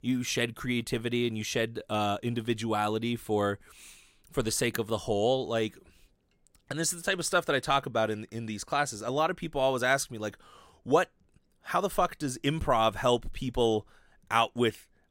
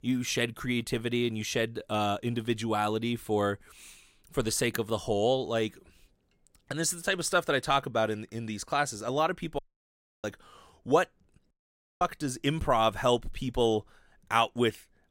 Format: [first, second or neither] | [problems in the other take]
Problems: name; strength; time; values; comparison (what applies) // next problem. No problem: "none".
first | audio cutting out; at 9.5 s for 0.5 s and at 12 s for 0.5 s